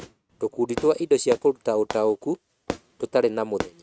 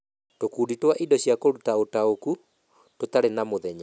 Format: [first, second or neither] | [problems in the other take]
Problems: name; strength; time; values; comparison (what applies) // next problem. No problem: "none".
second | noise reduction (neural mask model RNNoise)